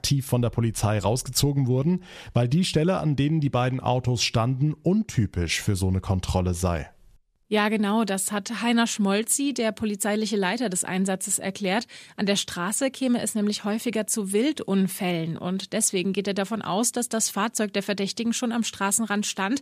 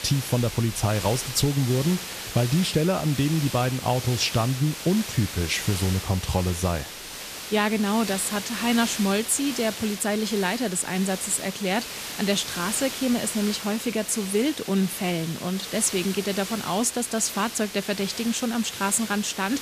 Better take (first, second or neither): first